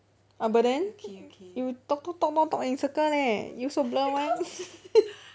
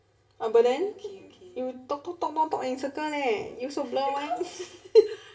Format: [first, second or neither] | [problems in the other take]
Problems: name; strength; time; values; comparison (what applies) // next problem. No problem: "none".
first | room echo; dies away in 0.8 s